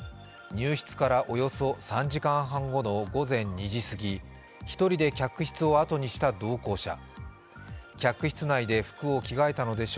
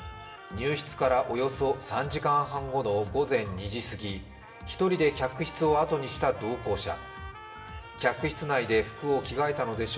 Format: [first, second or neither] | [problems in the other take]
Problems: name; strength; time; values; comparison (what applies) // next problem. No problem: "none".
first | background sound (Trumpet); 19 dB below the speech // room echo; dies away in 0.8 s